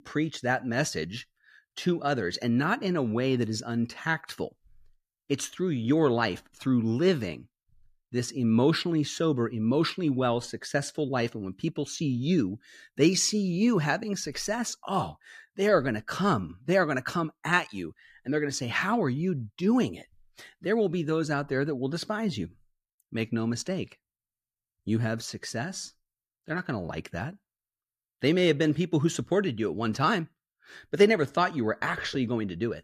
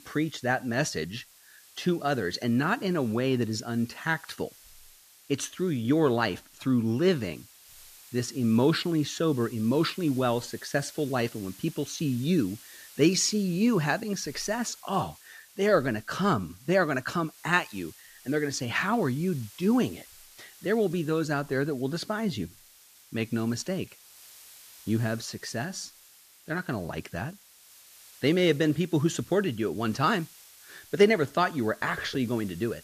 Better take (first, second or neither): first